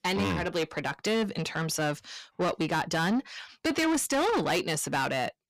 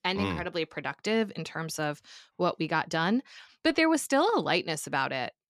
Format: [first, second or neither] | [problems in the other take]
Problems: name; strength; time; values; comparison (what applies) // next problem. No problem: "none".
second | distortion; heavy; 7 dB below the speech